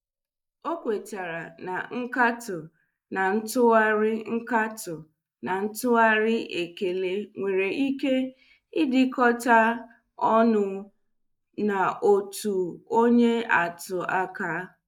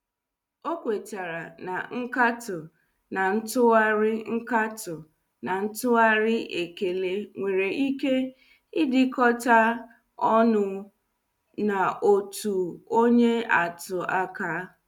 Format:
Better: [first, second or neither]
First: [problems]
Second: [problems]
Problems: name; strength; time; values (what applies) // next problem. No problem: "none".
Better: second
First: noise reduction (neural mask model Resemble Enhance denoiser)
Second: none